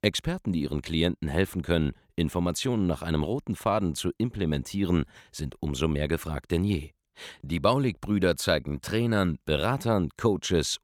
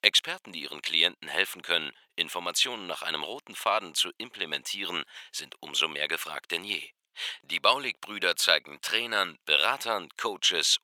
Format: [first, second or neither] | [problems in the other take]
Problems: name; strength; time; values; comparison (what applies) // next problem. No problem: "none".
first | thin; very; fading below 850 Hz